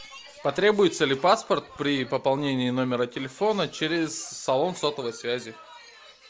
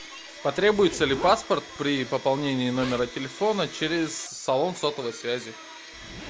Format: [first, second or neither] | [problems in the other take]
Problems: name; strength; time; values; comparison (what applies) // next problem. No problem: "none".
first | background sound (Domestic sounds, home sounds + Zipper (clothing)); 15 dB below the speech